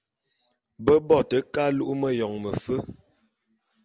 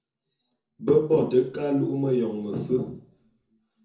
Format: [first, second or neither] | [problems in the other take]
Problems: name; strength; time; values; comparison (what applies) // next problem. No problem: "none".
first | room echo; dies away in 0.6 s